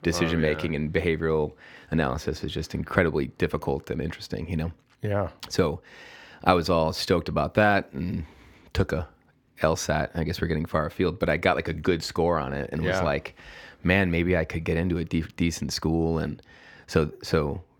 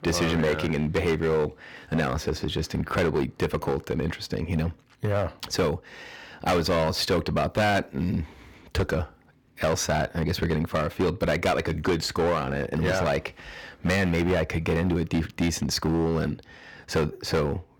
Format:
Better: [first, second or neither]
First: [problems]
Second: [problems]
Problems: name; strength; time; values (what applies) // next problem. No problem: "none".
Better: first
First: none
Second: distortion; heavy; 10% of the sound clipped